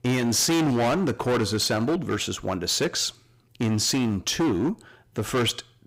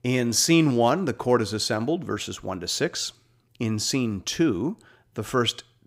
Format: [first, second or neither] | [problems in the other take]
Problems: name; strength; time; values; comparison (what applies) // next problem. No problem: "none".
second | distortion; heavy; 17% of the sound clipped